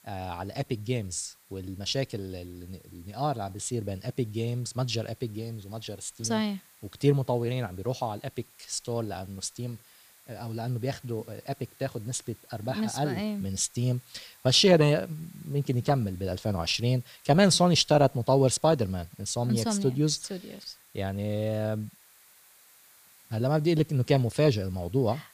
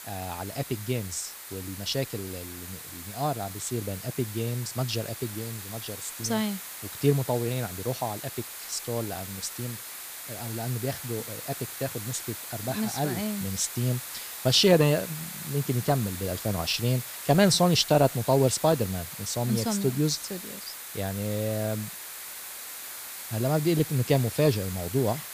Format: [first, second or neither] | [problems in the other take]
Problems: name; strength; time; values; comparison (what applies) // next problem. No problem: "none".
first | hiss; loud; throughout; 9 dB below the speech; faint in the first